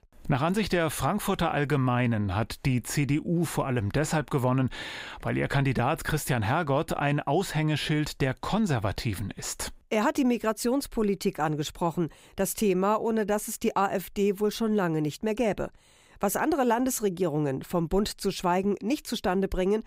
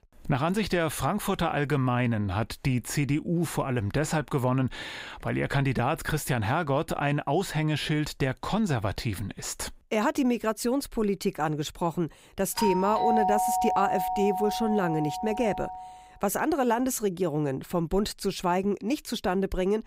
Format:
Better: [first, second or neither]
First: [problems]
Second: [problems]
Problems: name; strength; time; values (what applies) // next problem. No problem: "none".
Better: first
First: none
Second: doorbell; loud; from 13 to 16 s; peak 3 dB above the speech